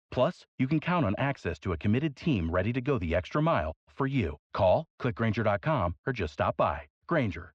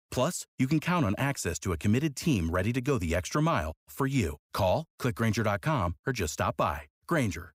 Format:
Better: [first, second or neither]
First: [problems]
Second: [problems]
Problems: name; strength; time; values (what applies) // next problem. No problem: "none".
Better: second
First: muffled; very; fading above 3.5 kHz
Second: none